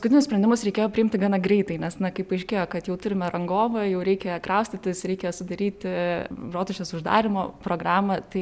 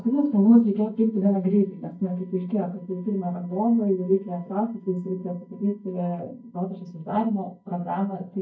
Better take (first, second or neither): first